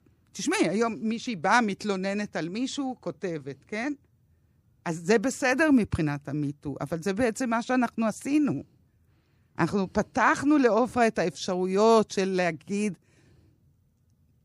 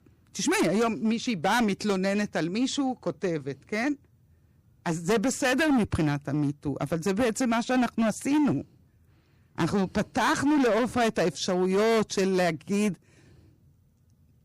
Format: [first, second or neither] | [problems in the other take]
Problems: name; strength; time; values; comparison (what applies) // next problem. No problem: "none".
first | distortion; heavy; 12% of the sound clipped